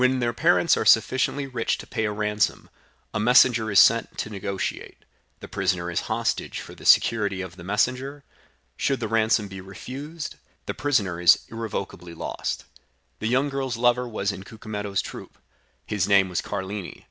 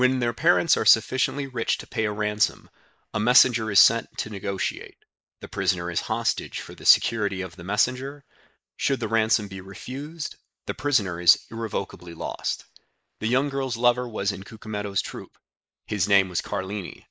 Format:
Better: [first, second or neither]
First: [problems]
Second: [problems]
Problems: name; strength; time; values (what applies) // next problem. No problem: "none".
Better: first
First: none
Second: noise reduction (neural mask model Resemble Enhance denoiser)